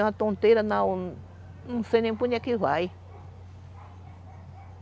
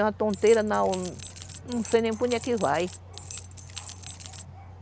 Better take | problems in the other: first | background sound (Rattle / Keys jangling); 15 dB below the speech

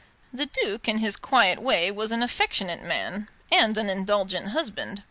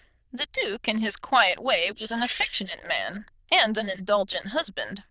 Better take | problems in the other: first | noise reduction (neural diffusion model UNIVERSE++)

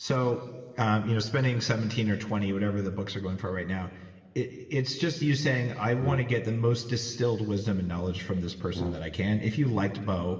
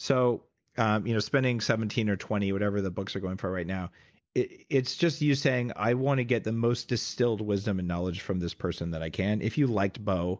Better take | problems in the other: second | background sound (Brass instrument); 11 dB below the speech // room echo; dies away in 2.4 s

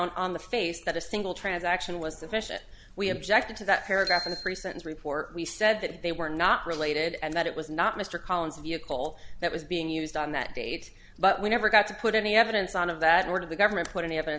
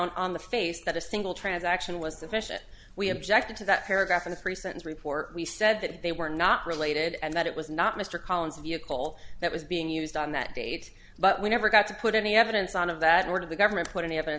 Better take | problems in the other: second | background sound (Bicycle bell); 11 dB below the speech

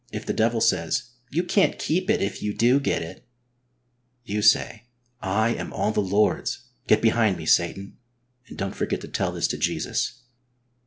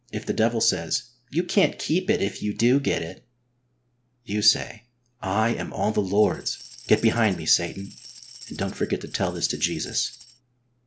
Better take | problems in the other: first | background sound (Tambourine); 19 dB below the speech

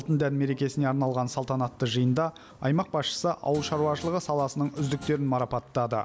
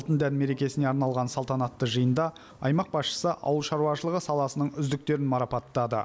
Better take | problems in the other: second | background sound (Guitar); 18 dB below the speech

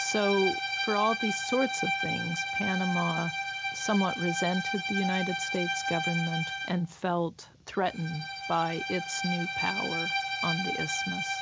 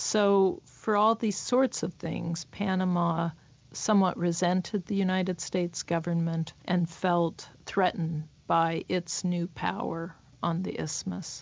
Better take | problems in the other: second | background sound (Bowed string instrument); 2 dB below the speech

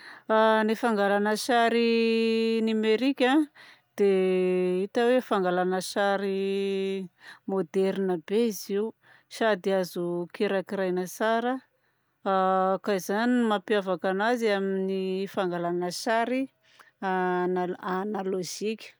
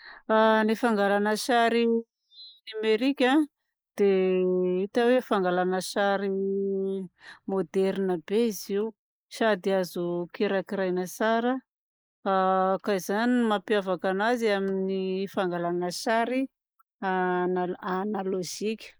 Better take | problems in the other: first | noise reduction (neural mask model Resemble Enhance denoiser)

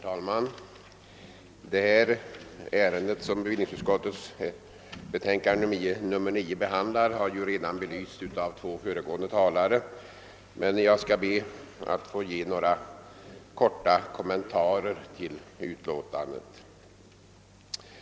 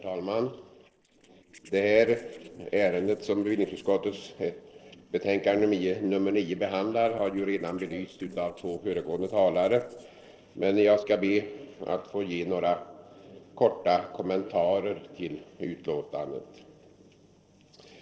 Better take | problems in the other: first | noise reduction (neural separator model SepFormer DNS4)

